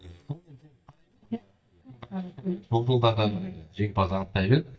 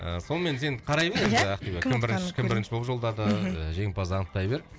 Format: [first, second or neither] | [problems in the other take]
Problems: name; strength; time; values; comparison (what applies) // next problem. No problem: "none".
second | noise reduction (neural mask model DeepFilterNet 3)